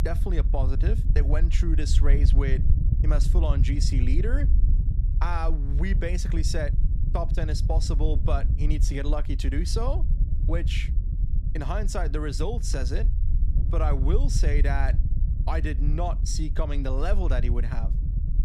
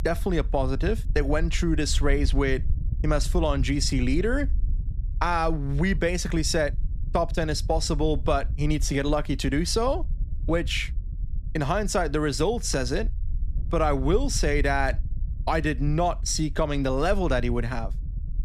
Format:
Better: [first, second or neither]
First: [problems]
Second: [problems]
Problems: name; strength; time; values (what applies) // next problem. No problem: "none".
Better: second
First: low rumble; loud; throughout; 10 dB below the speech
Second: low rumble; faint; throughout; 25 dB below the speech